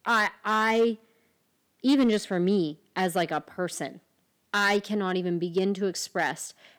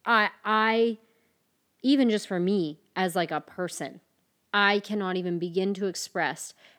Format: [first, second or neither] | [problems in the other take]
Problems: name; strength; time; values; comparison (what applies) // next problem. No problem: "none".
second | distortion; slight; 2% of the sound clipped